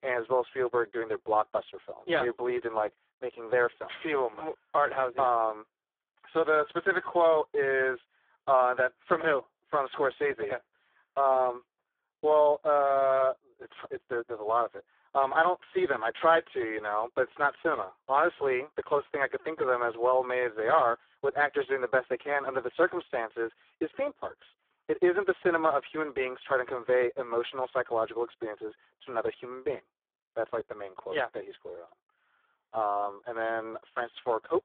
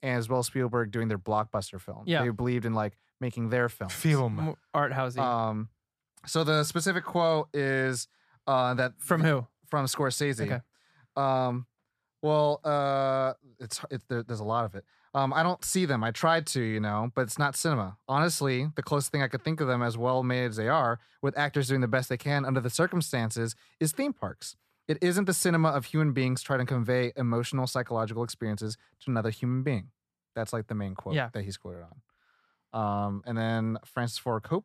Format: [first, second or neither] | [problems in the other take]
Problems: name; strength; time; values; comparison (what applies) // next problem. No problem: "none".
second | phone-call audio; poor line